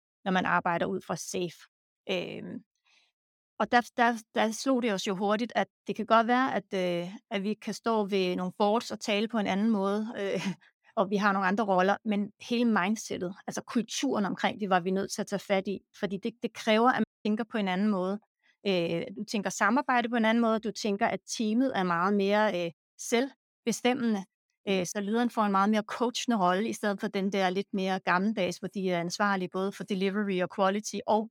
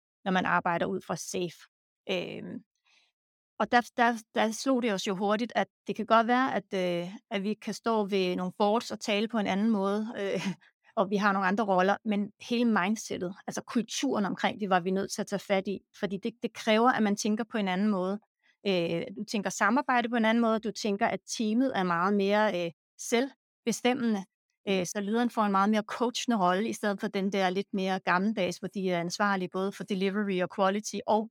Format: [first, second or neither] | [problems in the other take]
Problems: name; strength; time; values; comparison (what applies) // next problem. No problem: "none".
second | audio cutting out; at 17 s